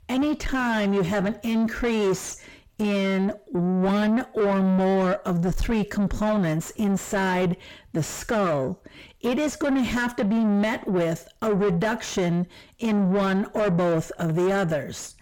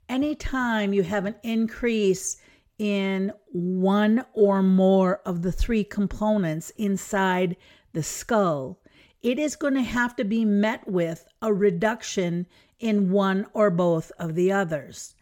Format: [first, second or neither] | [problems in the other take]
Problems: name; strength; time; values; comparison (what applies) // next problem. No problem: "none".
second | distortion; heavy; 7 dB below the speech